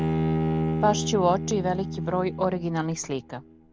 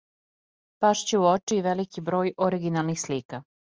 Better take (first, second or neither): second